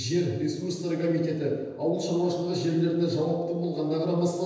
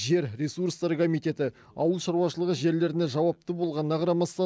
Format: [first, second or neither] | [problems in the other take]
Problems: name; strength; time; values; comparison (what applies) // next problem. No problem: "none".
second | room echo; dies away in 1.1 s